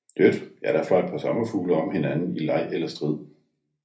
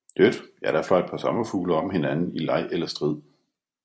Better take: second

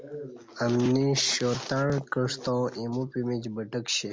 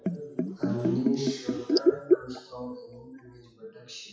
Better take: first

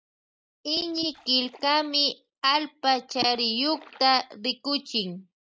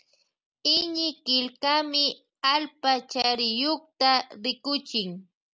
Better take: second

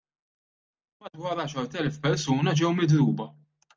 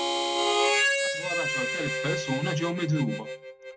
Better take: first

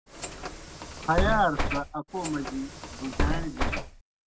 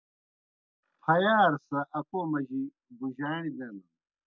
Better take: second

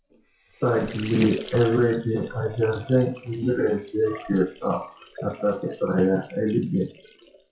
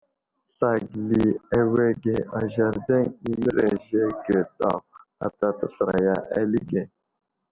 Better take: second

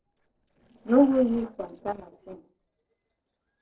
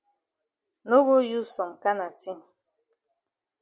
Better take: second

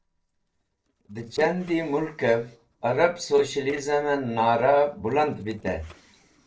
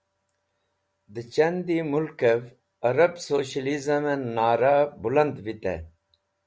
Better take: second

